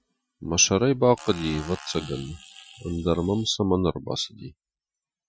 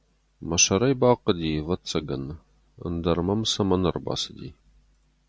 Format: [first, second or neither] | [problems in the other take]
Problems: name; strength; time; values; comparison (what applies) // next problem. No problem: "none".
second | noise reduction (classical method Wiener filter)